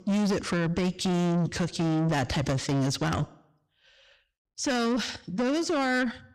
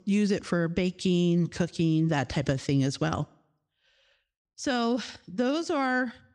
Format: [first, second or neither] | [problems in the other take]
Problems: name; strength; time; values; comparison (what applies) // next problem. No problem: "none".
second | distortion; heavy; 7 dB below the speech